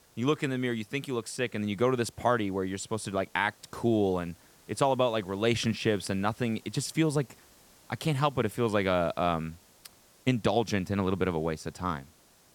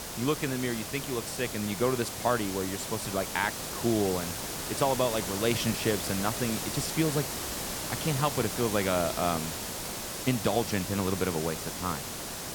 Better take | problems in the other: first | hiss; loud; throughout; 3 dB below the speech; faint in the first

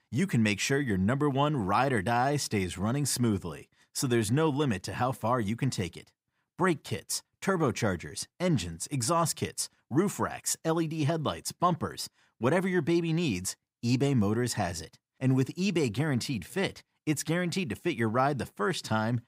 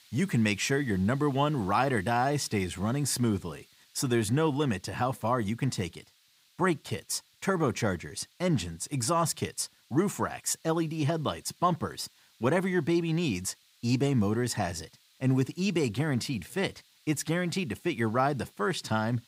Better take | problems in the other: first | hiss; faint; throughout; 30 dB below the speech

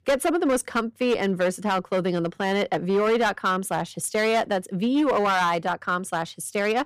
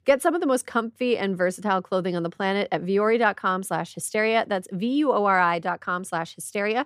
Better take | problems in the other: second | distortion; slight; 9% of the sound clipped

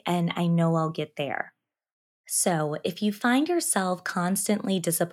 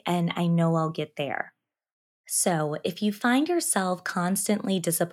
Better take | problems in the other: neither | none

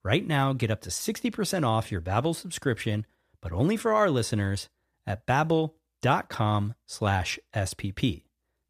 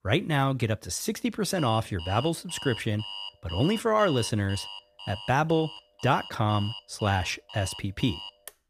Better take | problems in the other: first | alarm; noticeable; from 1.5 s on; peak 8 dB below the speech

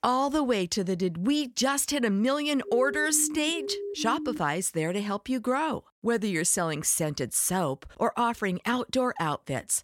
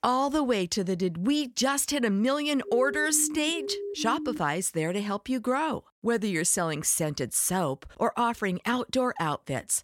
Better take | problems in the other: neither | siren; noticeable; from 2.5 to 4.5 s; peak 8 dB below the speech; the same in both

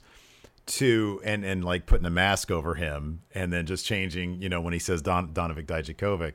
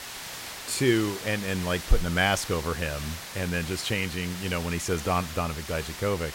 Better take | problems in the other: first | hiss; loud; throughout; 9 dB below the speech

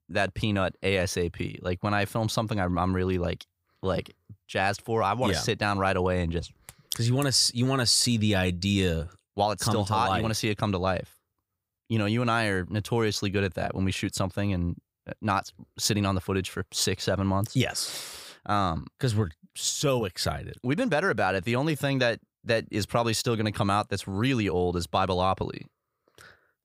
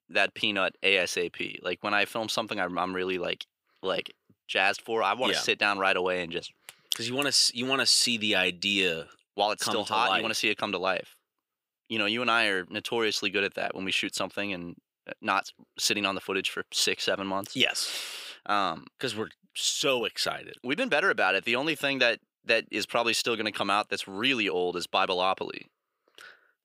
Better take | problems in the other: first | thin; somewhat; fading below 350 Hz

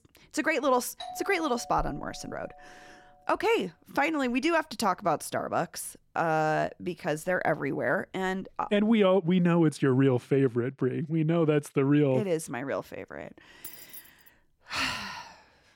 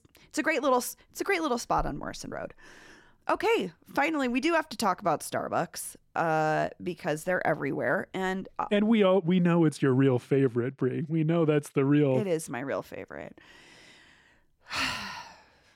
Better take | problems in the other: second | doorbell; faint; from 1 to 3 s; peak 15 dB below the speech // jangling keys; faint; at 14 s; peak 15 dB below the speech

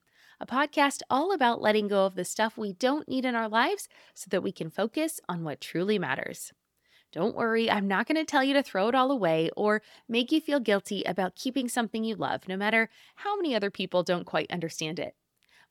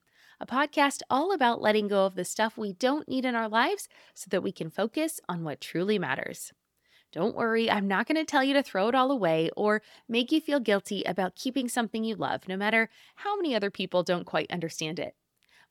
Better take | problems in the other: neither | none

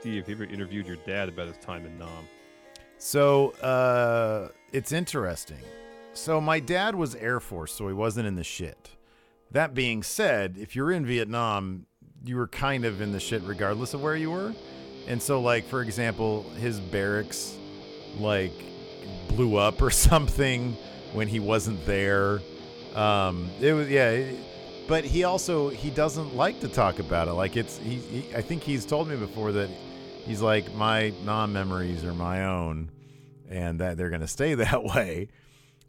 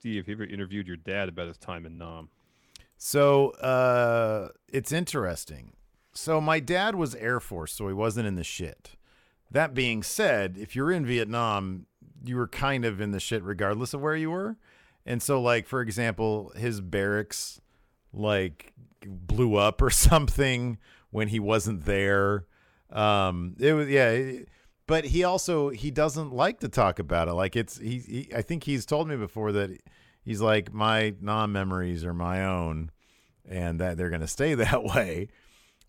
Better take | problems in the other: second | background music; noticeable; throughout; 15 dB below the speech

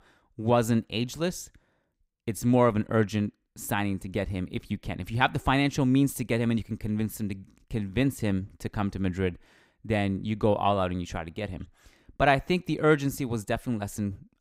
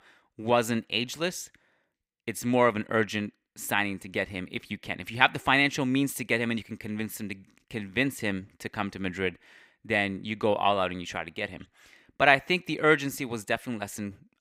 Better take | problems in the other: first | thin; very slightly; fading below 650 Hz

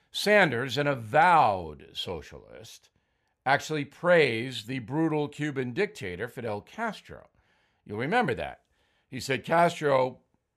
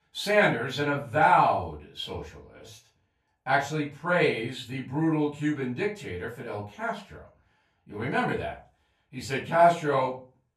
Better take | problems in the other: first | off-mic speech; far // room echo; slight; dies away in 0.3 s

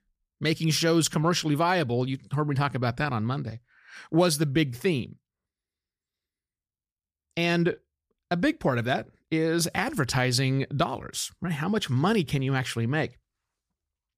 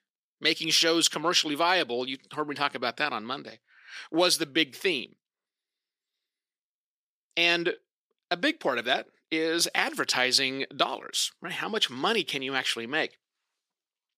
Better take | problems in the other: first | thin; somewhat; fading below 300 Hz

